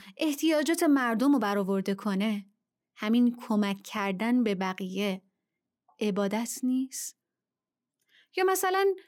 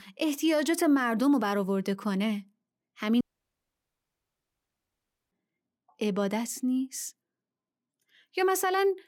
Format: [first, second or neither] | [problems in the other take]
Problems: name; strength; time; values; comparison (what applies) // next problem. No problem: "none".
first | audio cutting out; at 3 s for 2 s